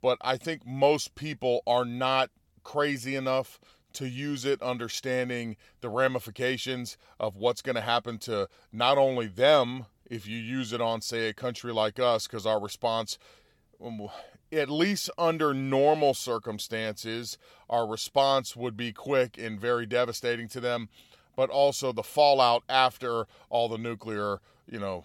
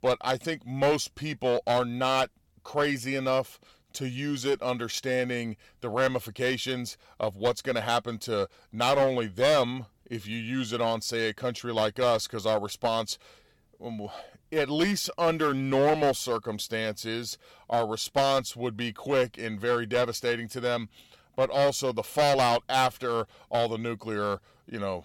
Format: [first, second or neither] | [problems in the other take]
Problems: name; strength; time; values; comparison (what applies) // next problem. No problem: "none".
first | distortion; slight; 5% of the sound clipped